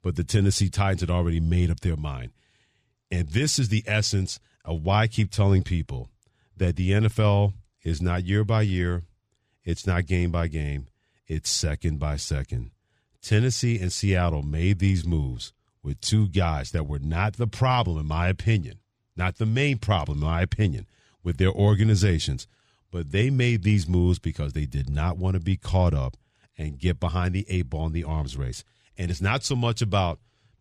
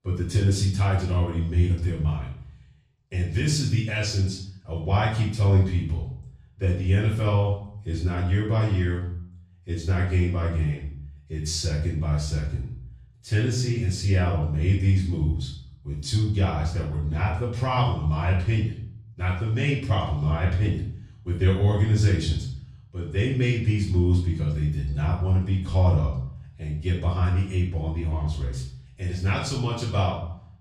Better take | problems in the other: first | off-mic speech; far // room echo; noticeable; dies away in 0.6 s

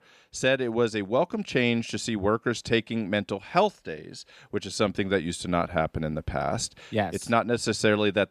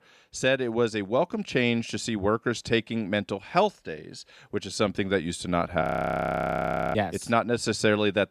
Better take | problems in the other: first | audio freezing; at 6 s for 1 s

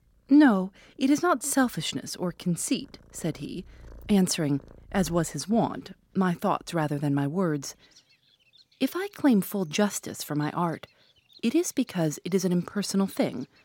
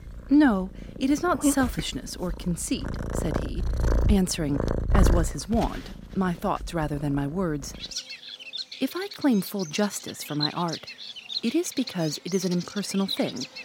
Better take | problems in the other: first | animal sounds; loud; throughout; 4 dB below the speech; faint in the first

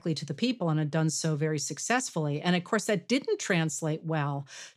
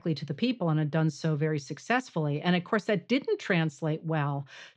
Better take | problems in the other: first | muffled; slightly; fading above 4 kHz

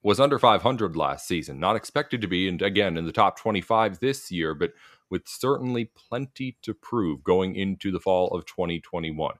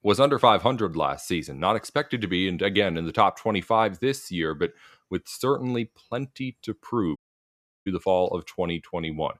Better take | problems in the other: first | audio cutting out; at 7 s for 0.5 s

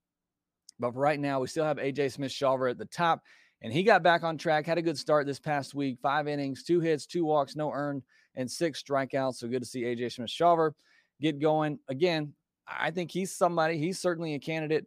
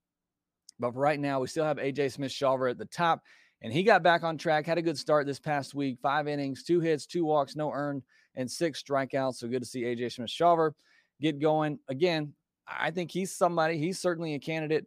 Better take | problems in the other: neither | none

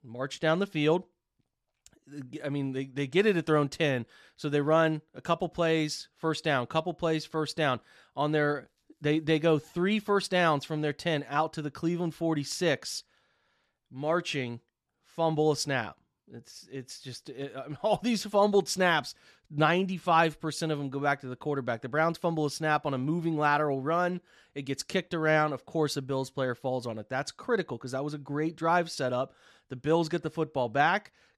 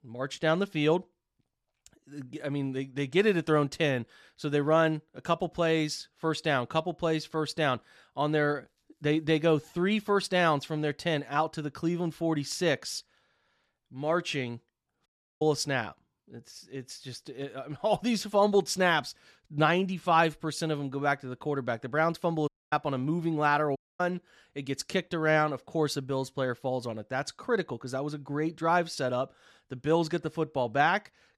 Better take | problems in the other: first | audio cutting out; at 15 s, at 22 s and at 24 s

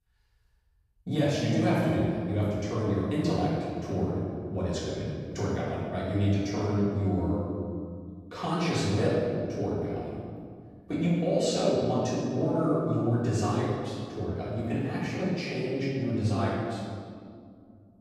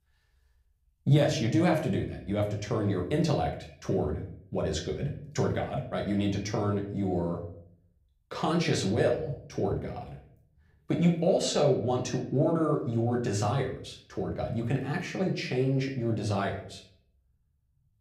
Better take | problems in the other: second | room echo; strong; dies away in 2 s; slight in the second // off-mic speech; far; somewhat distant in the second

